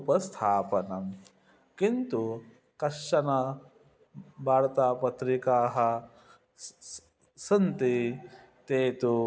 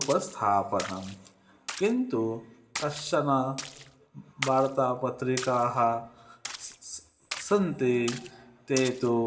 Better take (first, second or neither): first